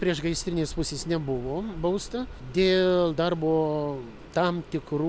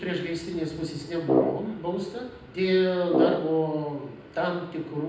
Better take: first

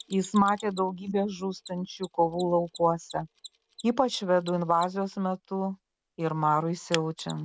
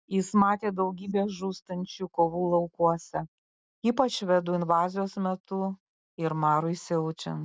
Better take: second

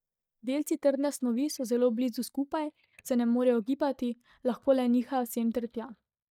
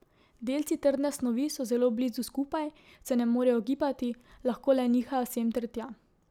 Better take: second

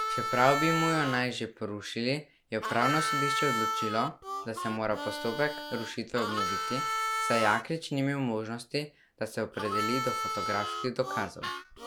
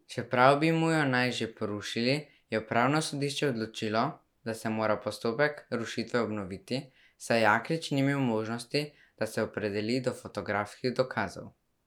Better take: second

